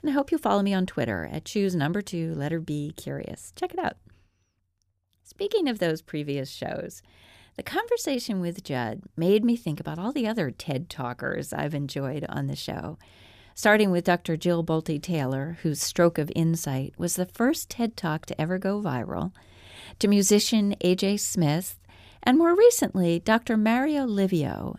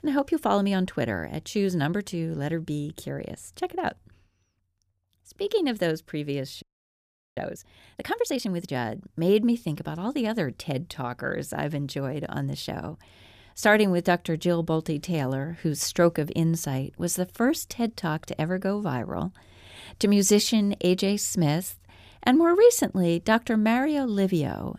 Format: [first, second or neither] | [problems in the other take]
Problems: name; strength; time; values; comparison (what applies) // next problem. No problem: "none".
first | audio freezing; at 6.5 s for 1 s